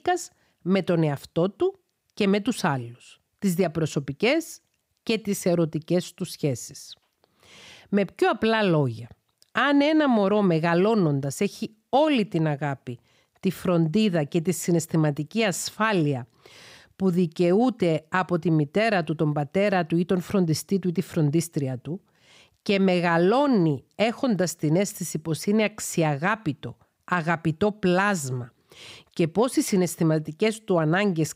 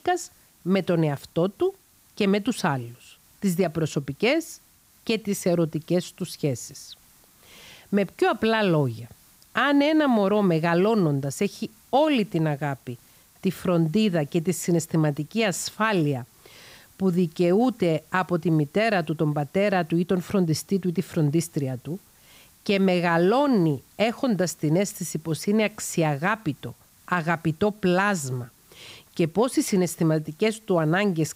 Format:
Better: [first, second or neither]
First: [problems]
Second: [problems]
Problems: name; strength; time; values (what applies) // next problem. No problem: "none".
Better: first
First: none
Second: hiss; faint; throughout; 30 dB below the speech